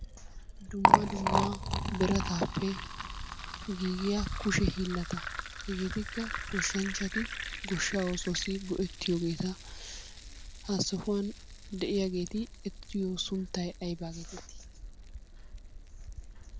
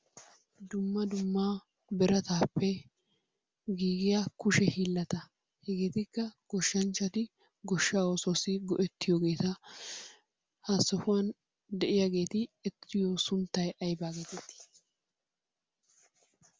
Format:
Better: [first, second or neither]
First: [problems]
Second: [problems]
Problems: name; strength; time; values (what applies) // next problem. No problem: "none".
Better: second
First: background sound (Liquid); 1 dB below the speech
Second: none